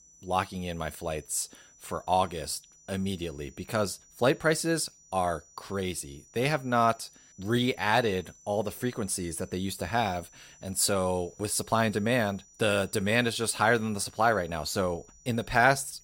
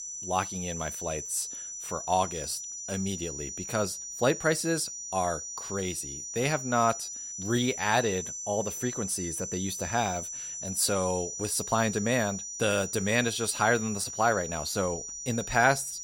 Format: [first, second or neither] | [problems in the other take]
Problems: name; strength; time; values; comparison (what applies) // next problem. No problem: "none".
first | high-pitched whine; loud; throughout; 6 kHz, 6 dB below the speech; faint in the first